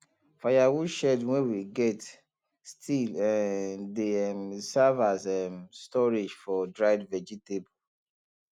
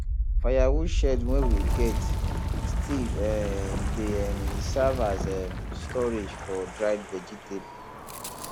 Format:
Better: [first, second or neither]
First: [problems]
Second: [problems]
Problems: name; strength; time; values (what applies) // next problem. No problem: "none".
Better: first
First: none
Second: background sound (Wind); 3 dB above the speech